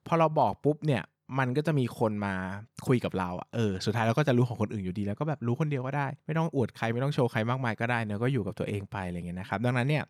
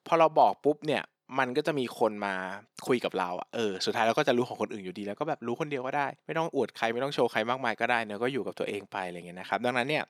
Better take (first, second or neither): first